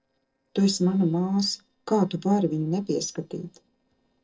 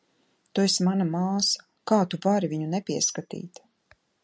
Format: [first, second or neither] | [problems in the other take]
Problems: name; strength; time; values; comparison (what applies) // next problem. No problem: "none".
second | noise reduction (neural separator model SepFormer DNS4)